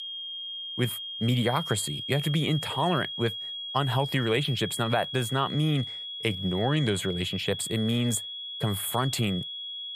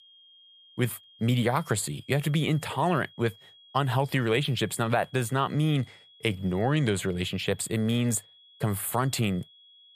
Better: second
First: high-pitched whine; loud; throughout; 3.5 kHz, 6 dB below the speech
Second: high-pitched whine; faint; throughout; 3.5 kHz, 25 dB below the speech

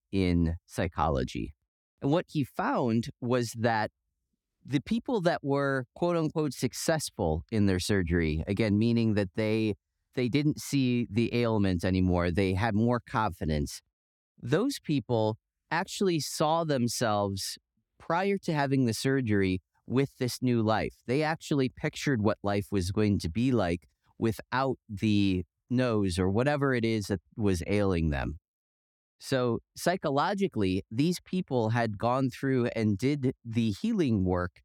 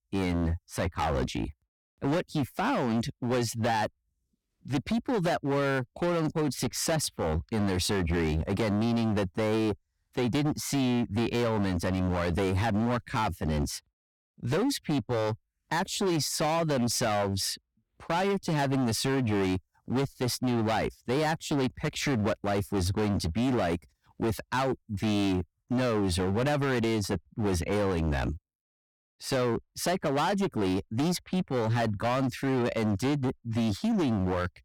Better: first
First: none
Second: distortion; heavy; 21% of the sound clipped

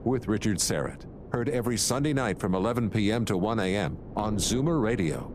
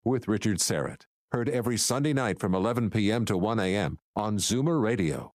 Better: second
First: wind noise on the microphone; occasional gusts; 20 dB below the speech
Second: none

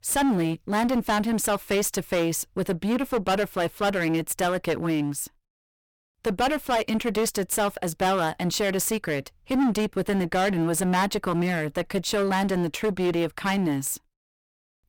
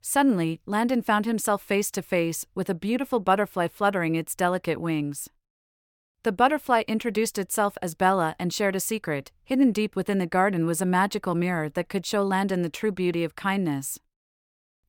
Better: second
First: distortion; heavy; 15% of the sound clipped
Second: none

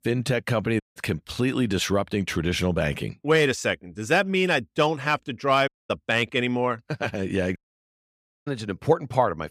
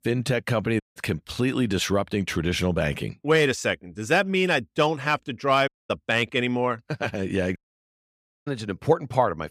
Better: neither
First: audio cutting out; at 1 s, at 5.5 s and at 7.5 s for 1 s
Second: audio cutting out; at 1 s, at 5.5 s and at 7.5 s for 1 s

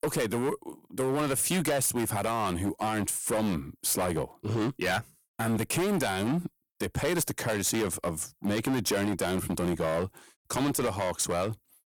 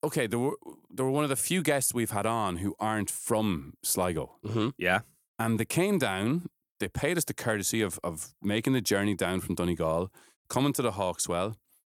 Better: second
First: distortion; heavy; 15% of the sound clipped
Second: none

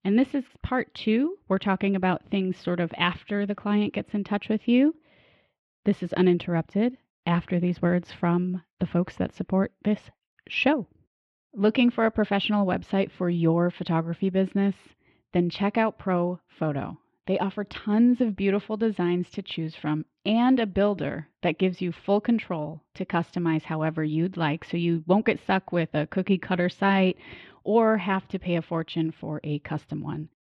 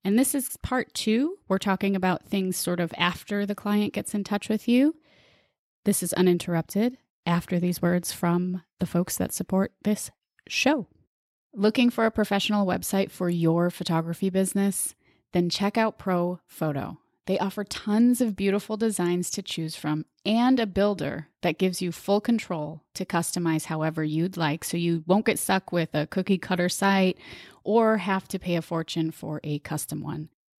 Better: second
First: muffled; very; fading above 3 kHz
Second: none

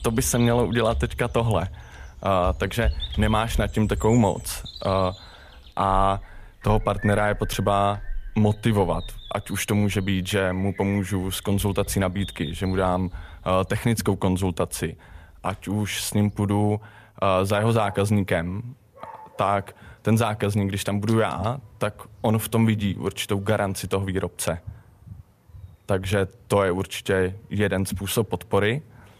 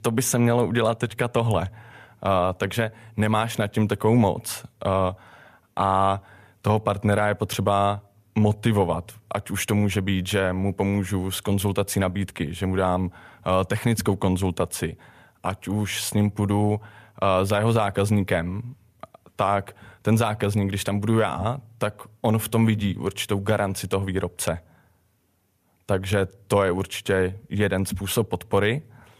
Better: second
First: animal sounds; noticeable; throughout; 15 dB below the speech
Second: none

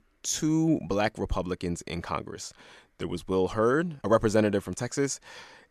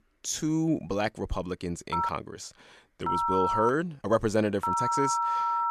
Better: first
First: none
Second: phone ringing; loud; from 2 s on; peak 3 dB above the speech

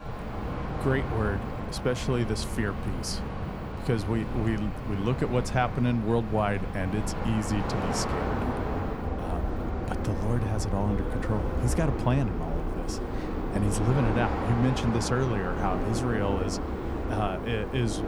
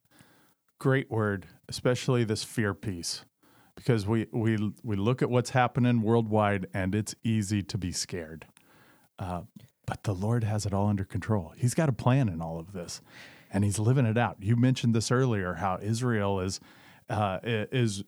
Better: second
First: train or aircraft noise; loud; throughout; 3 dB below the speech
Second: none

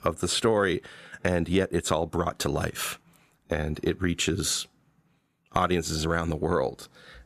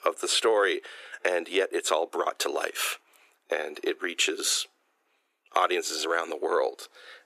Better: first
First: none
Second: thin; very; fading below 350 Hz

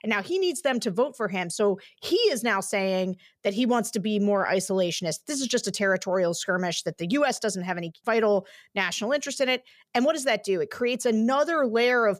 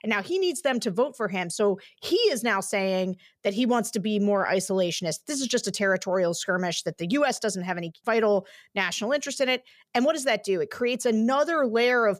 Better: neither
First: none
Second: none

